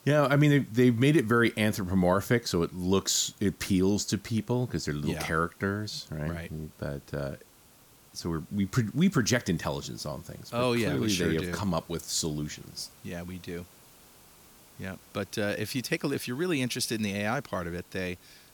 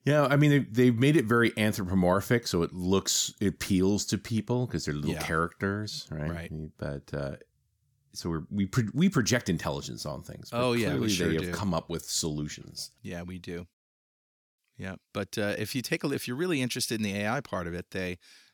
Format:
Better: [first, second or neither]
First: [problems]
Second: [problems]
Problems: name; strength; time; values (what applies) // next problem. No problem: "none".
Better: second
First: hiss; faint; throughout; 25 dB below the speech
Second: none